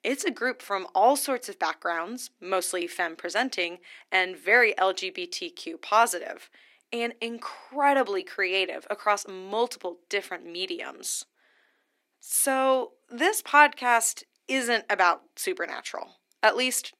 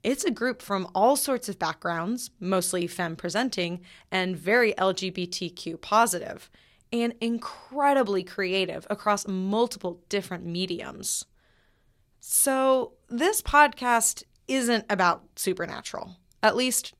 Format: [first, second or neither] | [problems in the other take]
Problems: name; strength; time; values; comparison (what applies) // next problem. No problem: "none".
second | thin; somewhat; fading below 250 Hz